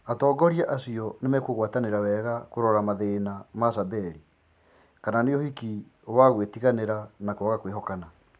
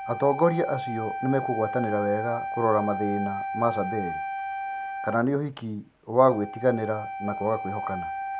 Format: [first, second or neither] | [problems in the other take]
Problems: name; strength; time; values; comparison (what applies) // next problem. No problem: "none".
first | background sound (Wind instrument, woodwind instrument); 6 dB below the speech